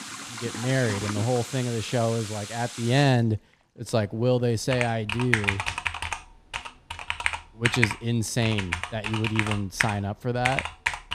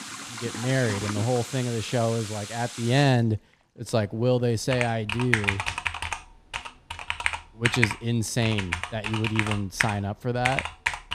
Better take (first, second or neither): neither